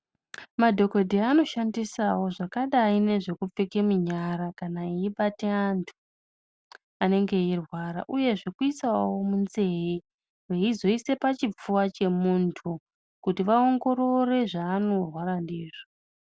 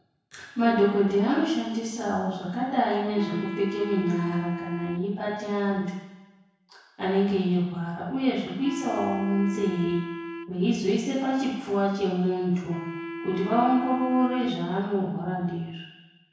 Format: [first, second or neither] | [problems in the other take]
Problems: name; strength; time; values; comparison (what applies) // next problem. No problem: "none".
first | background sound (Wind instrument, woodwind instrument); 11 dB below the speech // room echo; dies away in 1 s